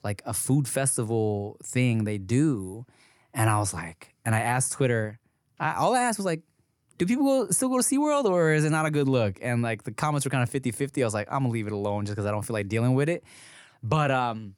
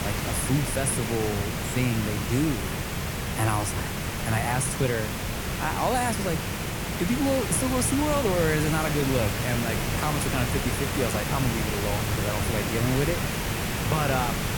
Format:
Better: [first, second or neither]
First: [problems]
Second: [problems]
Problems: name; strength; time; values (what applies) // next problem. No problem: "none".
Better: first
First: none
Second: hiss; loud; throughout; 1 dB below the speech